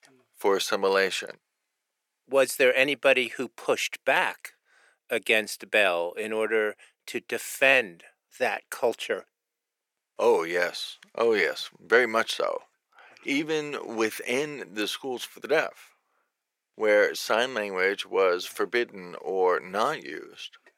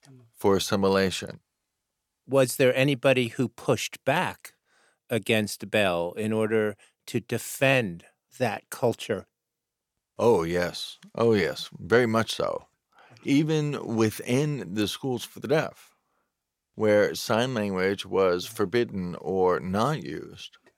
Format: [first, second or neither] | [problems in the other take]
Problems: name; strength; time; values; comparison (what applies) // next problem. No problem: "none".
second | thin; somewhat; fading below 450 Hz